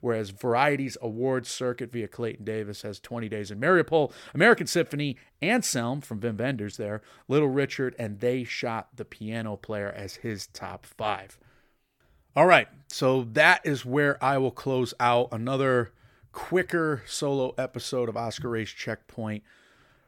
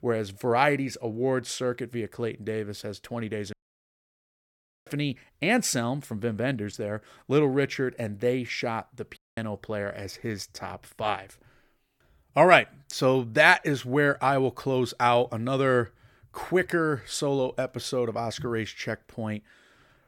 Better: first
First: none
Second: audio cutting out; at 3.5 s for 1.5 s and at 9 s

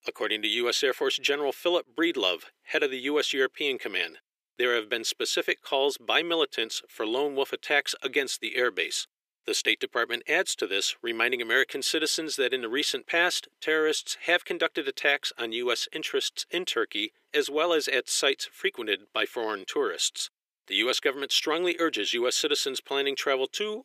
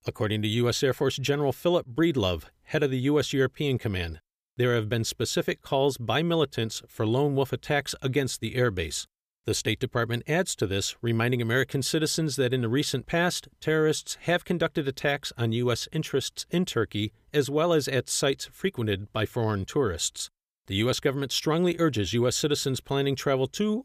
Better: second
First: thin; very; fading below 350 Hz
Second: none

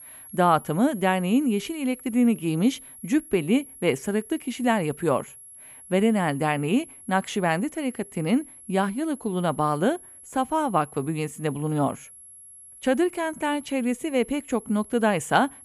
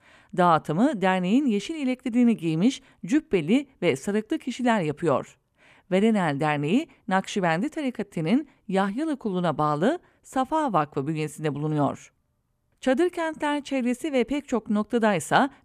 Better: second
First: high-pitched whine; noticeable; throughout; 11 kHz, 20 dB below the speech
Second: none

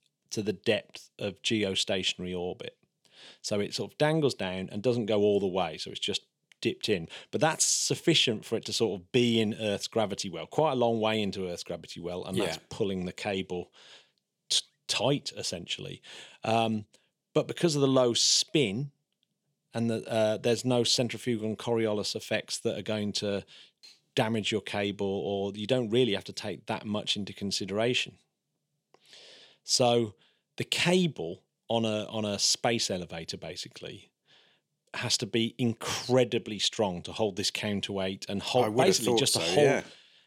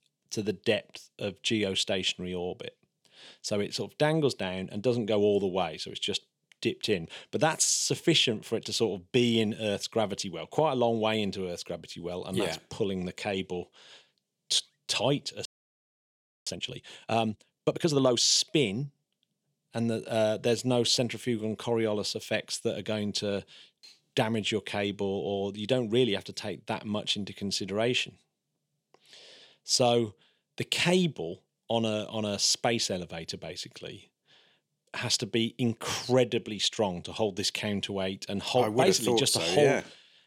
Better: first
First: none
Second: audio freezing; at 15 s for 1 s

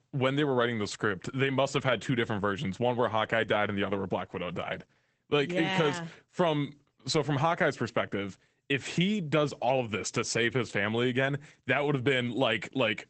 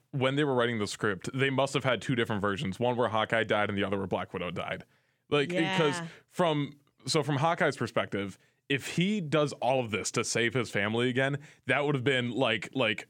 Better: second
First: garbled, watery; badly; nothing above 8 kHz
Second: none

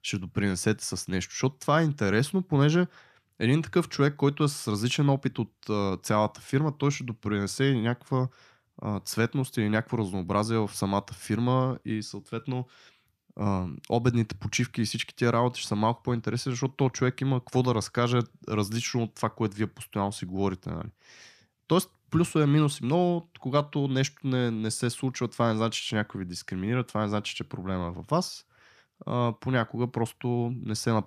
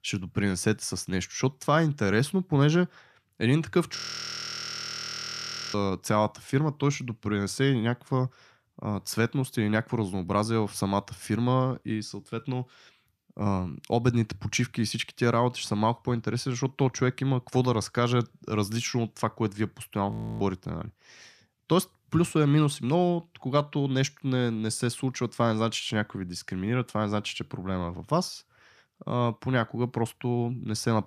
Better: first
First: none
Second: audio freezing; at 4 s for 2 s and at 20 s

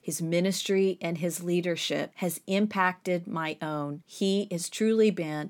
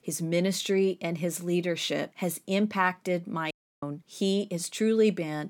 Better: first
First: none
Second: audio cutting out; at 3.5 s

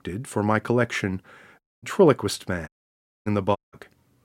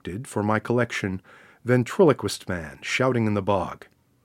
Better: second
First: audio cutting out; at 1.5 s, at 2.5 s for 0.5 s and at 3.5 s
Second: none

